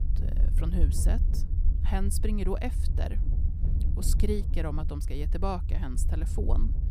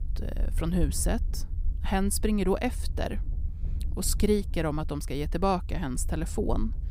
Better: second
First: low rumble; loud; throughout; 10 dB below the speech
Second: low rumble; faint; throughout; 20 dB below the speech

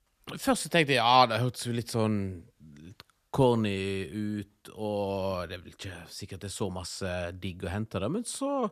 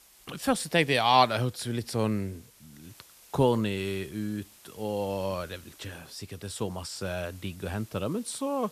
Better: first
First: none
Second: hiss; faint; throughout; 25 dB below the speech

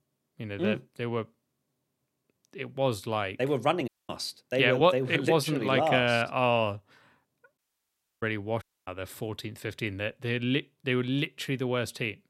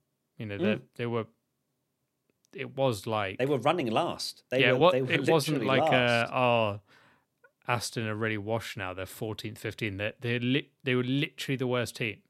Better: second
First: audio cutting out; at 4 s, at 7.5 s for 0.5 s and at 8.5 s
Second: none

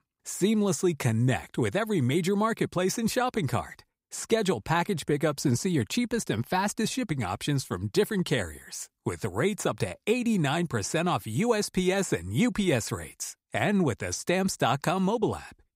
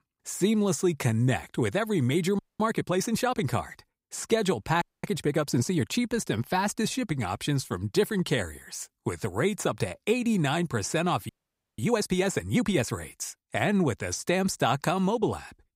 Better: first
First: none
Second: audio freezing; at 2.5 s, at 5 s and at 11 s

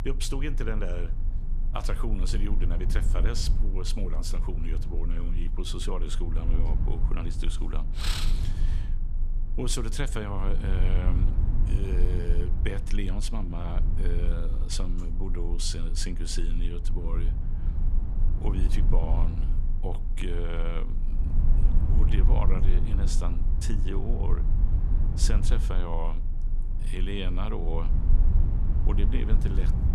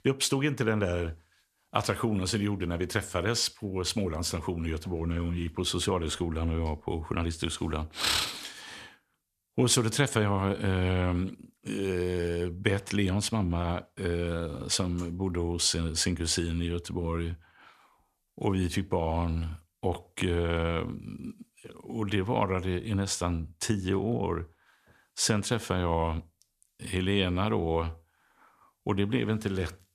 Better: second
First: low rumble; loud; throughout; 8 dB below the speech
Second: none

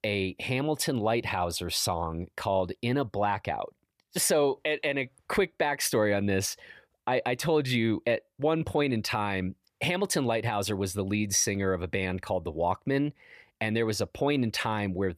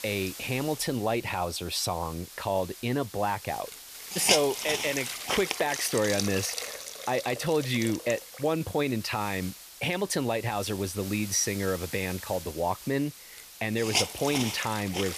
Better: first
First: none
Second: hiss; loud; throughout; 4 dB below the speech

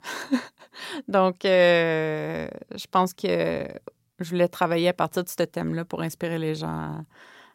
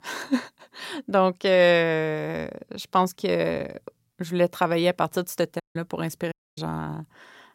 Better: first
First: none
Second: audio cutting out; at 5.5 s and at 6.5 s

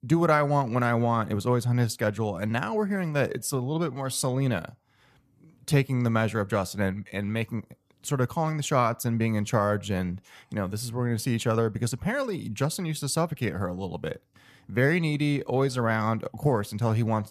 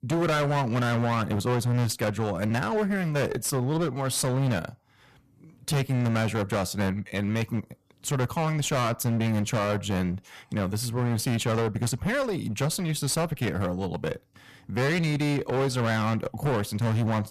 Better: first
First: none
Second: distortion; heavy; 25% of the sound clipped

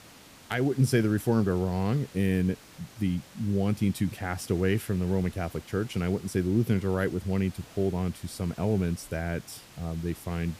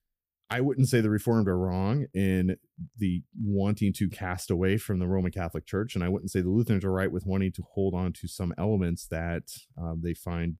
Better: second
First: hiss; faint; throughout; 20 dB below the speech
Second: none

